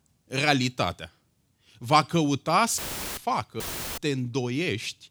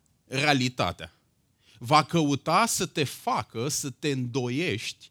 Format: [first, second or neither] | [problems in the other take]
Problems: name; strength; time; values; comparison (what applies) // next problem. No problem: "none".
second | audio cutting out; filled with static; at 3 s and at 3.5 s